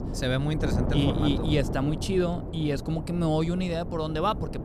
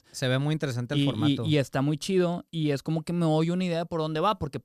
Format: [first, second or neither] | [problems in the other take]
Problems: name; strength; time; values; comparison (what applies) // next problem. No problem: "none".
second | wind noise on the microphone; heavy; 8 dB below the speech